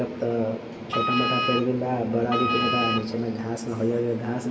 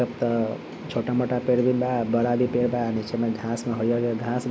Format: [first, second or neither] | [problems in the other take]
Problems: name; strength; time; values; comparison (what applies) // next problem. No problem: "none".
second | background sound (Wind instrument, woodwind instrument); 2 dB below the speech // room echo; dies away in 1.9 s